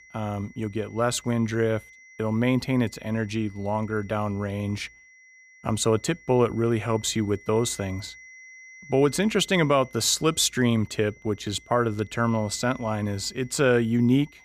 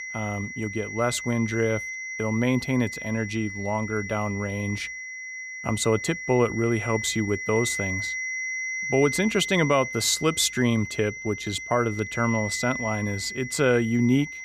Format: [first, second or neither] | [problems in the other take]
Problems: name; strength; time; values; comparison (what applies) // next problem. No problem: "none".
first | high-pitched whine; loud; throughout; 2 kHz, 7 dB below the speech; faint in the first